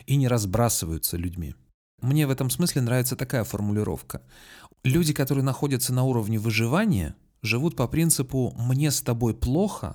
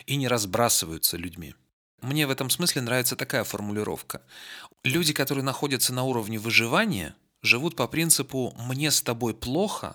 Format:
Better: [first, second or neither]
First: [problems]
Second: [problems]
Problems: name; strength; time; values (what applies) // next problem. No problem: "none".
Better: first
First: none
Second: thin; somewhat; fading below 800 Hz